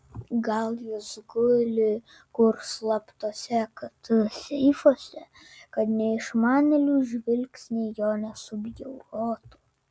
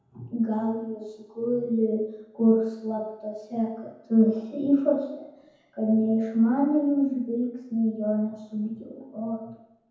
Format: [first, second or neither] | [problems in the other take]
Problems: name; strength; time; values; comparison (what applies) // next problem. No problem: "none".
first | room echo; dies away in 1 s